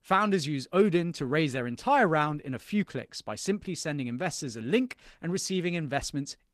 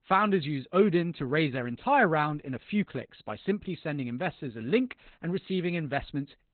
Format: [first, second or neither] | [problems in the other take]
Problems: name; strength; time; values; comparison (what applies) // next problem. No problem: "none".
first | garbled, watery; badly; nothing above 4 kHz; slightly in the first